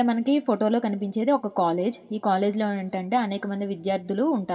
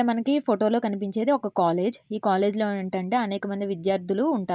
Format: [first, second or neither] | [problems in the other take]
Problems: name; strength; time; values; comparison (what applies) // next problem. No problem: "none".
second | room echo; dies away in 0.2 s